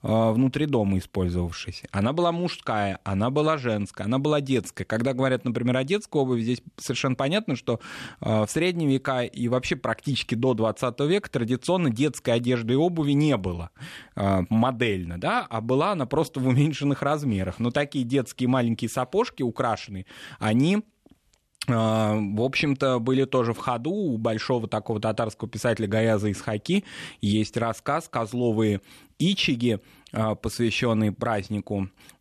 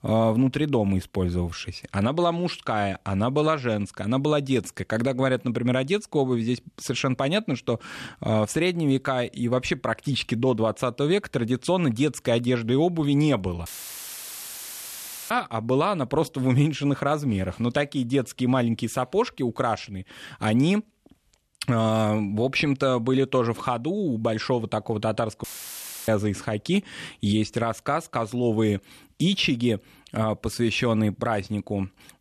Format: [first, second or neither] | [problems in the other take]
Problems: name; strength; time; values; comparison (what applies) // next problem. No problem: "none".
first | audio cutting out; filled with static; at 14 s for 1.5 s and at 25 s for 0.5 s